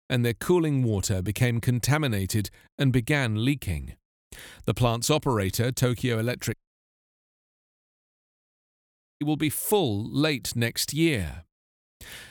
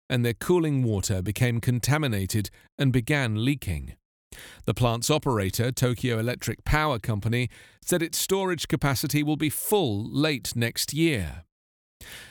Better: second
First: audio cutting out; at 6.5 s for 2.5 s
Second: none

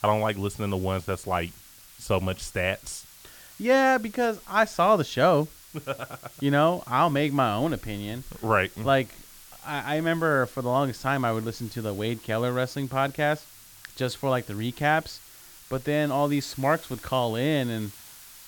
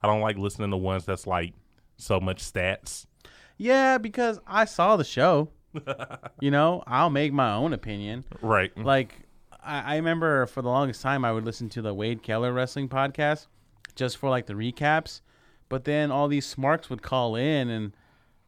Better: second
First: hiss; faint; throughout; 20 dB below the speech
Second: none

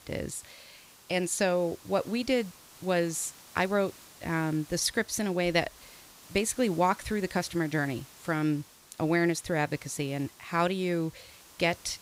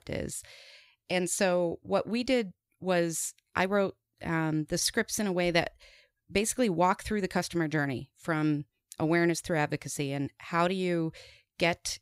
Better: second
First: hiss; faint; throughout; 20 dB below the speech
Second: none

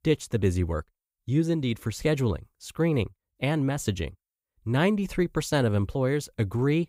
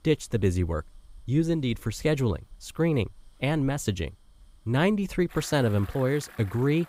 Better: first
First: none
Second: traffic noise; faint; throughout; 25 dB below the speech

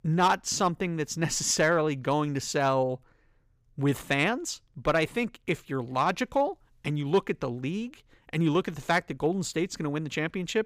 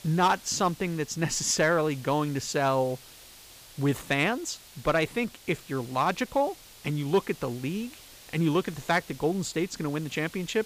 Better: first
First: none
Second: hiss; noticeable; throughout; 20 dB below the speech

